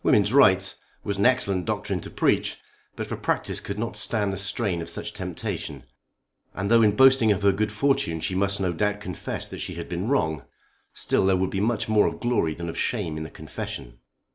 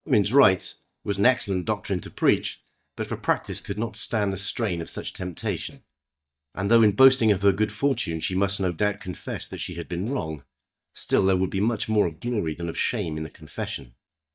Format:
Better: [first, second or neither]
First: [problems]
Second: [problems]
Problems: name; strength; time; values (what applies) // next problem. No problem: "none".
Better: first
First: none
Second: noise reduction (neural mask model DeepFilterNet 3)